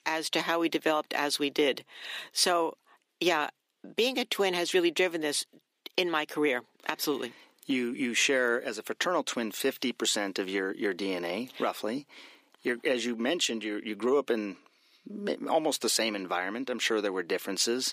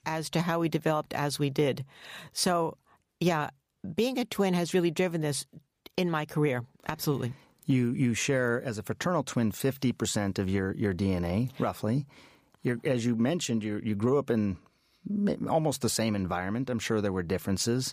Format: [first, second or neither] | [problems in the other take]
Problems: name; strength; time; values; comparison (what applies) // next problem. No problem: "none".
second | thin; somewhat; fading below 300 Hz